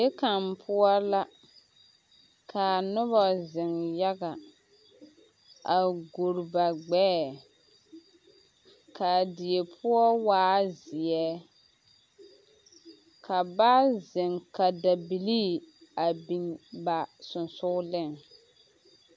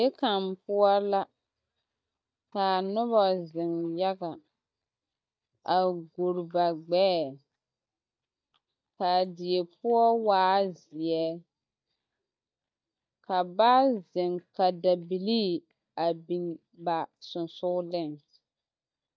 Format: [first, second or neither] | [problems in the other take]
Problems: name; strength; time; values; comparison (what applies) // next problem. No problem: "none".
first | noise reduction (neural mask model DeepFilterNet 3)